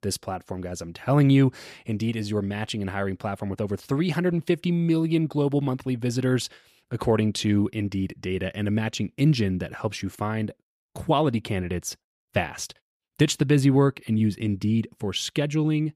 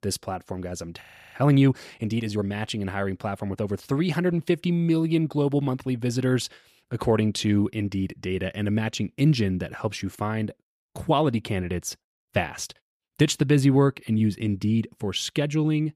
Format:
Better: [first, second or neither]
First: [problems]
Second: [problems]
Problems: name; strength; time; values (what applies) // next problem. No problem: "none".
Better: first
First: none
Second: audio freezing; at 1 s